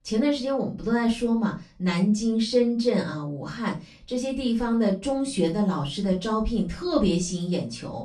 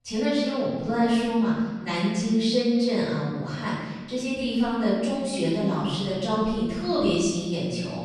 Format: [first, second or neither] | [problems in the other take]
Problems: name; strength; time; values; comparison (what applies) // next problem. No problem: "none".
first | room echo; strong; dies away in 1.3 s; slight in the first // off-mic speech; far; far in the first